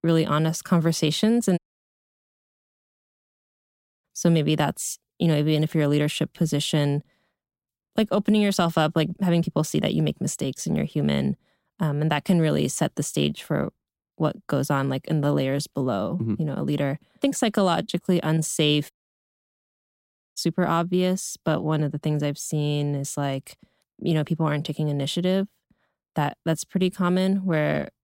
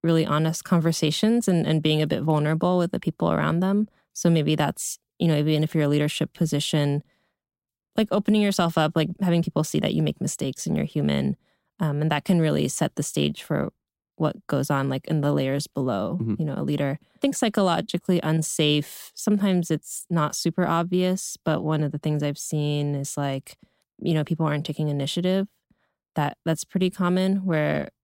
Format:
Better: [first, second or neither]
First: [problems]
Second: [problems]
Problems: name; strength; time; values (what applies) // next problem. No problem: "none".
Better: second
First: audio cutting out; at 1.5 s for 2.5 s and at 19 s for 1.5 s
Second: none